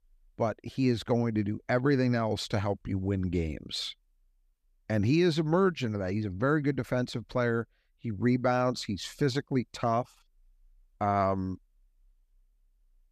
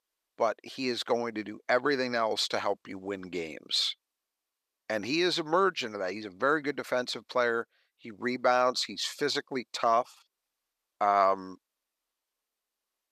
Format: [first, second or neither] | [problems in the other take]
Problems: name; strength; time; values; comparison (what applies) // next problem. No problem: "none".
first | thin; somewhat; fading below 500 Hz